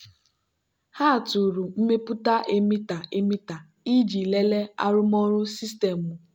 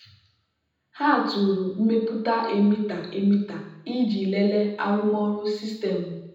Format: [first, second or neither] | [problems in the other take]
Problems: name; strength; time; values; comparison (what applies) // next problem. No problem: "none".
first | room echo; dies away in 0.8 s